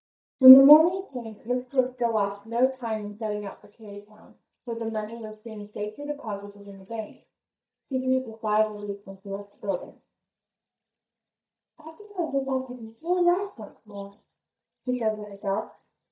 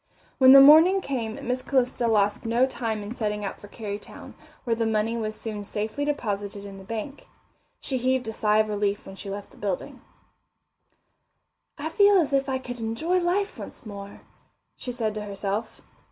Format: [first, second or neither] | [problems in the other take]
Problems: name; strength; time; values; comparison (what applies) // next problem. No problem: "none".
second | noise reduction (neural mask model DeepFilterNet 3)